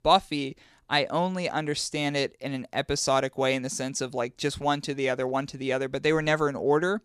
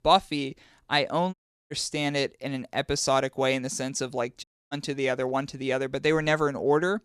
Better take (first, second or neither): first